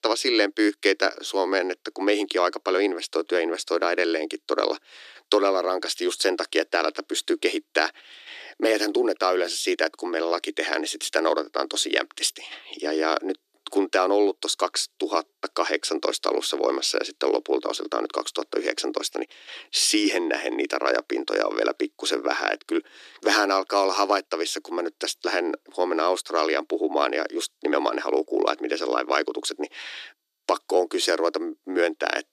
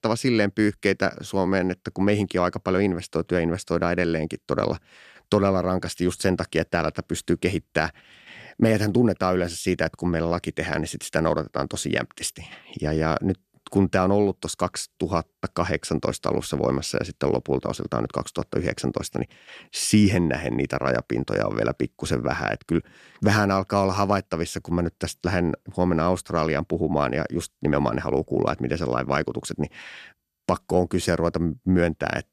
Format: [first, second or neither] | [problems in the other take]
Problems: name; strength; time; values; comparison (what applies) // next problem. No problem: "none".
second | thin; somewhat; fading below 300 Hz